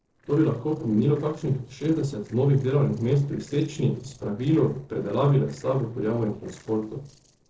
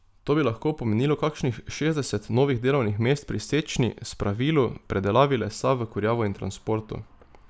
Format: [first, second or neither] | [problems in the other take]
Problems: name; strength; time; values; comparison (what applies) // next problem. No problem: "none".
second | noise reduction (neural separator model SepFormer DNS4)